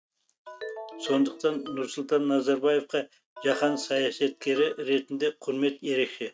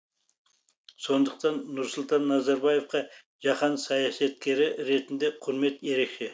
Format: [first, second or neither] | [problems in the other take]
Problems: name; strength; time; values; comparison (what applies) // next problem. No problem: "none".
second | noise reduction (neural mask model RNNoise)